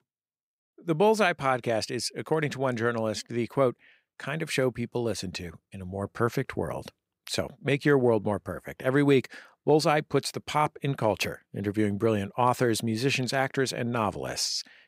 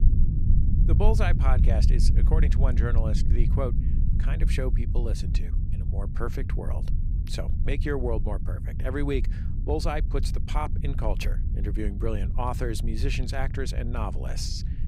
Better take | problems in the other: first | low rumble; loud; throughout; 9 dB below the speech

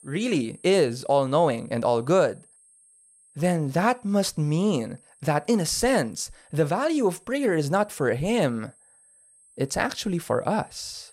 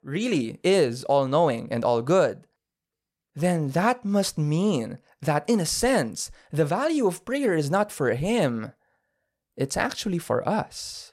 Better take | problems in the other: second | high-pitched whine; faint; throughout; 8.5 kHz, 30 dB below the speech

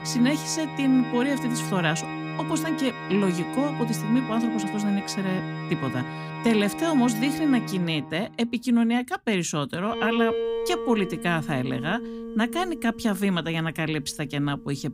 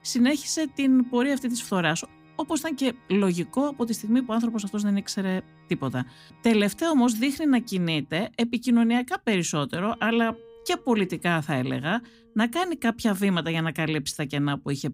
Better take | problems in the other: second | background music; loud; throughout; 6 dB below the speech; faint in the second

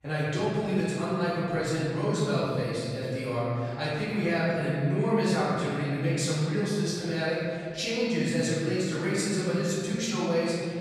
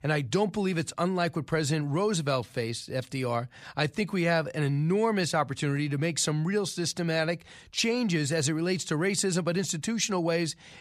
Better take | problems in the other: second | off-mic speech; far // room echo; strong; dies away in 2.1 s

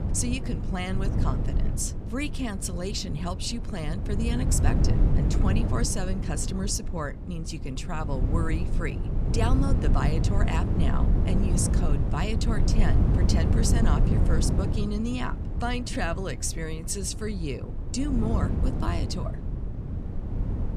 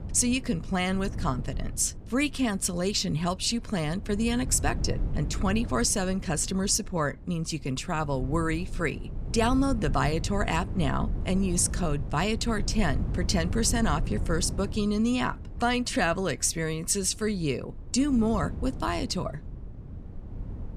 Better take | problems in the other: second | wind noise on the microphone; heavy; 5 dB below the speech; occasional gusts in the second

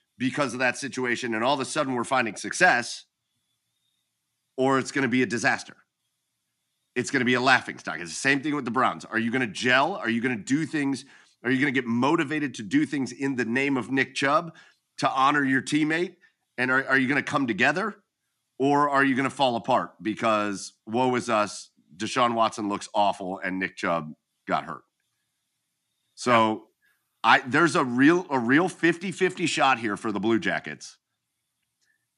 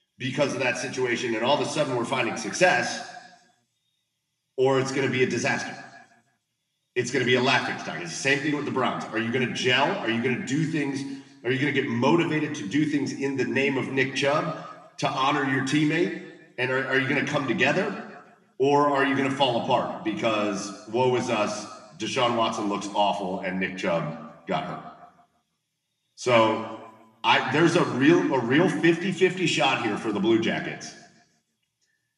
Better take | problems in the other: first | room echo; slight; dies away in 1.1 s // off-mic speech; somewhat distant

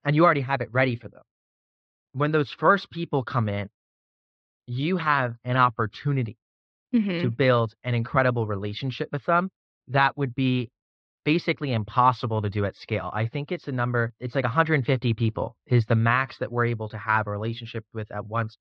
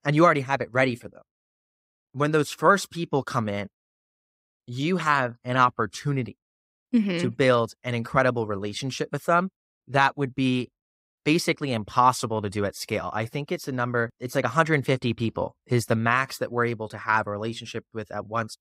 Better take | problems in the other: second | muffled; slightly; fading above 4 kHz

